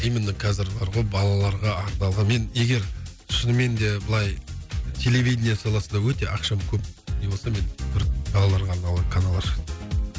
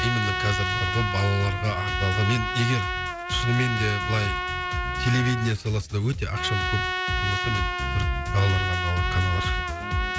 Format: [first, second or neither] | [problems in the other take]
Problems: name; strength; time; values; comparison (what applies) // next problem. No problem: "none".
first | background sound (Trumpet); 4 dB below the speech